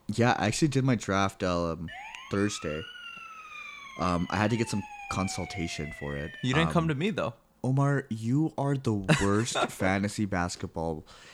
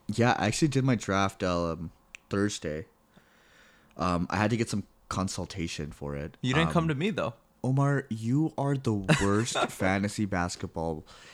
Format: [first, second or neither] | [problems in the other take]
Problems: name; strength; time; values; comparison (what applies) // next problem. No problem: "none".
second | siren; faint; from 2 to 6.5 s; peak 10 dB below the speech